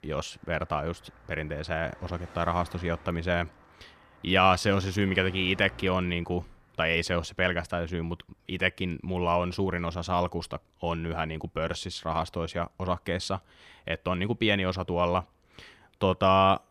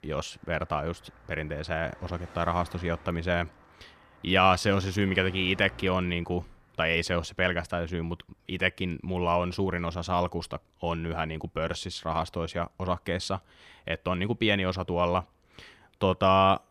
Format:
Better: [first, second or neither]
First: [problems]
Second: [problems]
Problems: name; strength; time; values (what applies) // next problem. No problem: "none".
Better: neither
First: traffic noise; faint; throughout; 25 dB below the speech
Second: traffic noise; faint; throughout; 25 dB below the speech